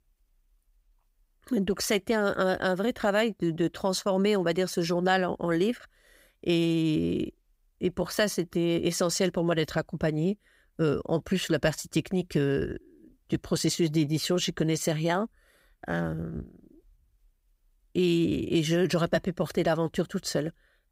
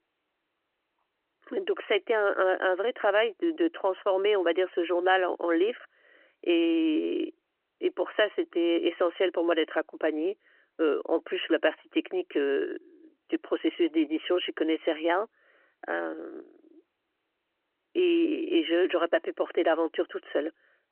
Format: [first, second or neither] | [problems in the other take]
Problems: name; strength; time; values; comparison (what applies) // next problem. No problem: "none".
first | phone-call audio; nothing above 3 kHz